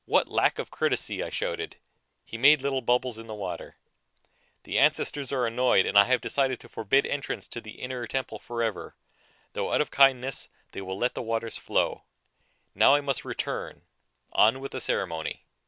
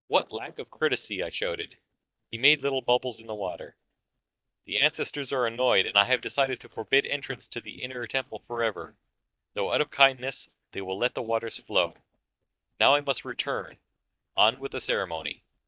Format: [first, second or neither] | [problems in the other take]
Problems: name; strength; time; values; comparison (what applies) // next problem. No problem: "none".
first | noise reduction (neural mask model DeepFilterNet 3)